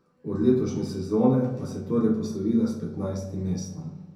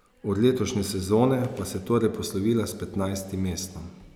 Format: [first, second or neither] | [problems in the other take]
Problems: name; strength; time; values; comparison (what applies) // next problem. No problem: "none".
second | room echo; dies away in 0.5 s